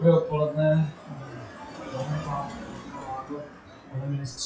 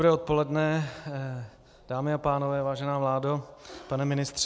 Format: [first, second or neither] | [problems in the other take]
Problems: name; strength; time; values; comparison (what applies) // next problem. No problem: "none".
second | noise reduction (classical method WPE with log-MMSE)